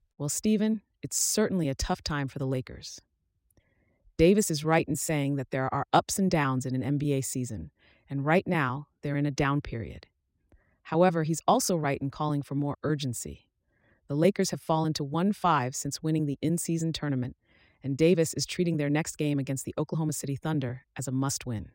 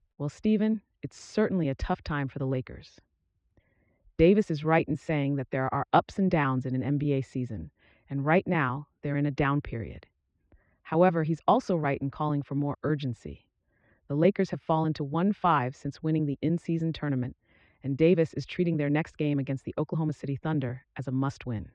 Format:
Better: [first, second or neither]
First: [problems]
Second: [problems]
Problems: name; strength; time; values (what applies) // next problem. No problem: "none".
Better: first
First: none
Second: muffled; very; fading above 3 kHz